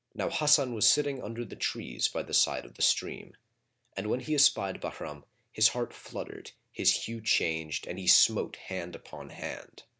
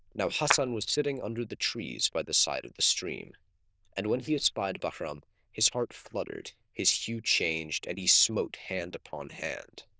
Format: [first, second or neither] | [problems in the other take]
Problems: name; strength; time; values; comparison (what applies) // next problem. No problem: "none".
first | noise reduction (neural diffusion model UNIVERSE++)